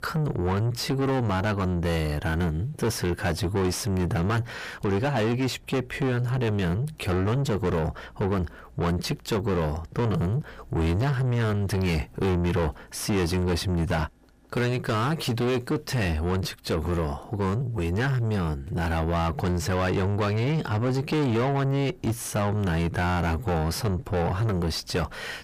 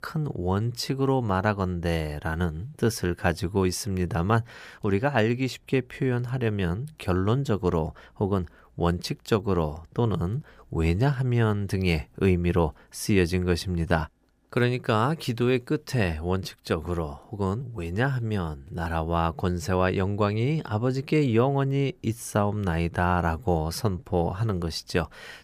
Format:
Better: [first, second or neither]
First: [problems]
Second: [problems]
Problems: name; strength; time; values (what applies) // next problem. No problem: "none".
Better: second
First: distortion; heavy; 5 dB below the speech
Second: none